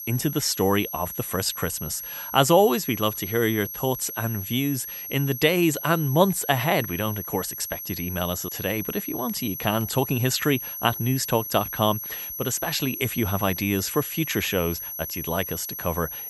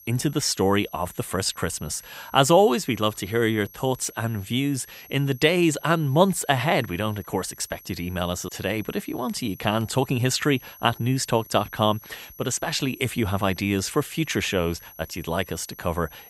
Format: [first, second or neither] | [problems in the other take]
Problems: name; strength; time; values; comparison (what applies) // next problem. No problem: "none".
second | high-pitched whine; loud; throughout; 11.5 kHz, 7 dB below the speech; faint in the second